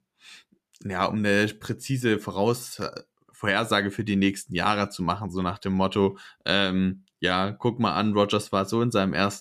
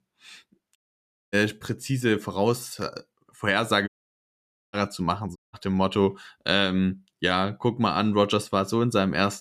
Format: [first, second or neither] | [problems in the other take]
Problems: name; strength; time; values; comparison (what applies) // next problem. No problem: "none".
first | audio cutting out; at 1 s for 0.5 s, at 4 s for 1 s and at 5.5 s